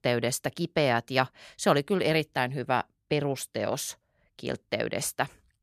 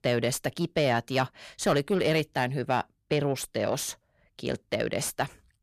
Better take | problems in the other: first | distortion; slight; 10 dB below the speech

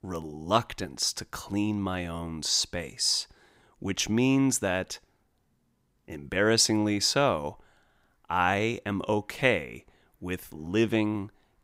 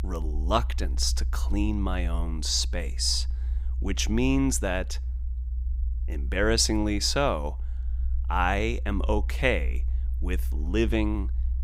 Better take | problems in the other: first | low rumble; faint; throughout; 25 dB below the speech

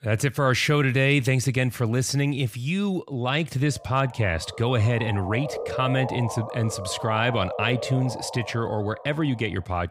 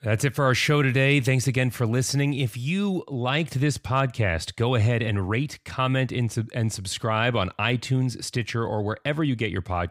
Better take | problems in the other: second | siren; noticeable; from 3.5 s on; peak 6 dB below the speech

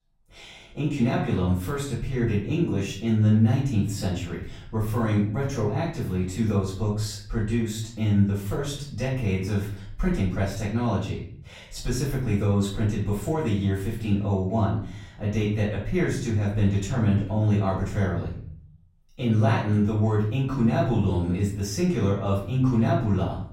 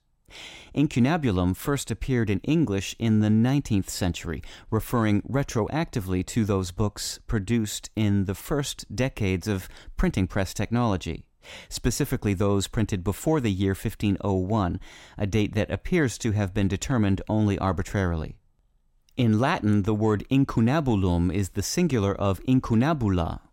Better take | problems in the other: second | off-mic speech; far // room echo; noticeable; dies away in 0.6 s

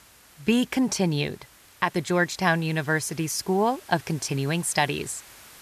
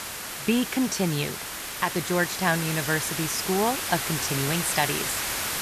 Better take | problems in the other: first | hiss; loud; throughout; 2 dB below the speech; faint in the first

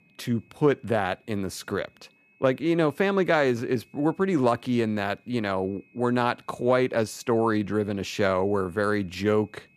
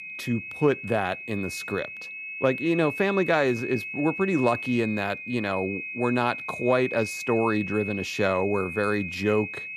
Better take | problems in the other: first | high-pitched whine; loud; throughout; 2.5 kHz, 7 dB below the speech; faint in the first

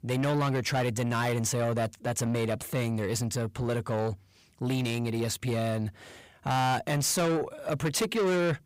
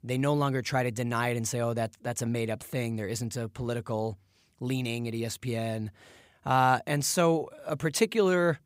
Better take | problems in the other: second | distortion; heavy; 7 dB below the speech

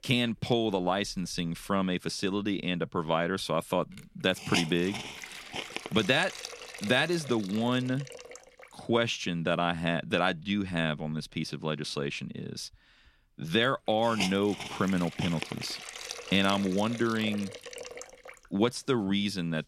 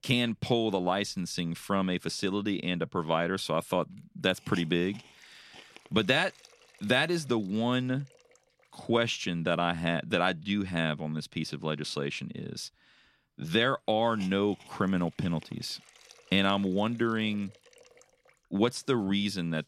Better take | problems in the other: second | hiss; loud; throughout; 9 dB below the speech; faint in the second

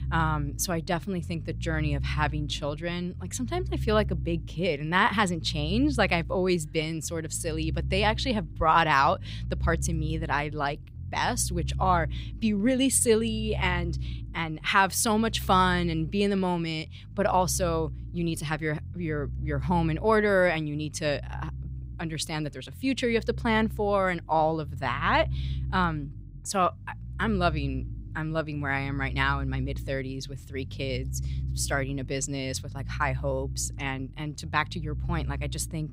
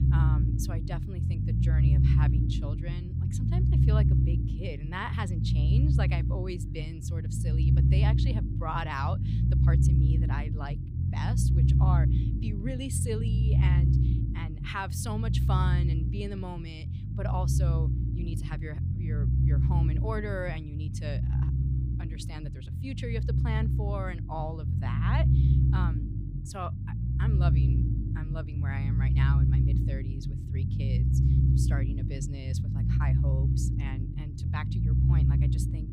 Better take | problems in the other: first | low rumble; loud; throughout; 1 dB below the speech; faint in the first

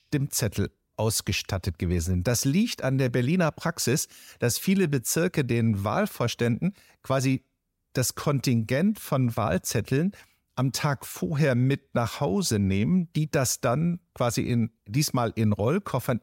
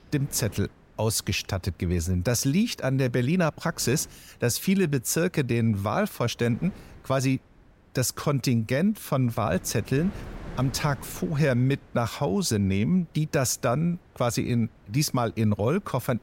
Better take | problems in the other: first | wind noise on the microphone; occasional gusts; 25 dB below the speech

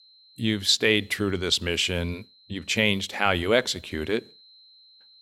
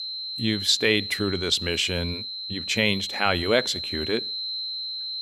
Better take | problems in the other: first | high-pitched whine; loud; throughout; 4 kHz, 6 dB below the speech; faint in the first

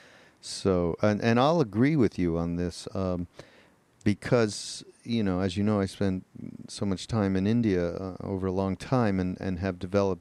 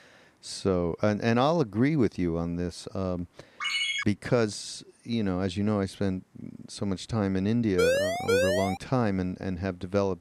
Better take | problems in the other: first | phone ringing; loud; at 3.5 s; peak 2 dB above the speech // siren; loud; at 8 s; peak 3 dB above the speech

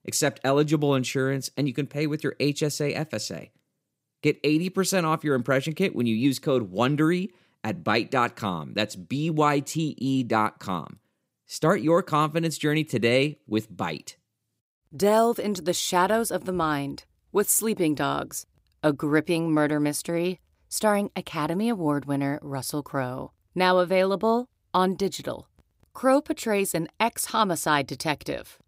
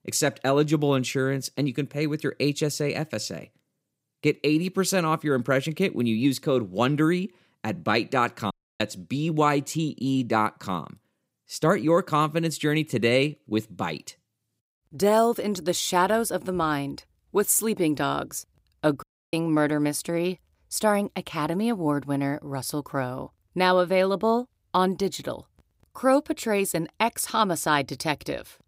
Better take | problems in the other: first | audio cutting out; at 8.5 s and at 19 s

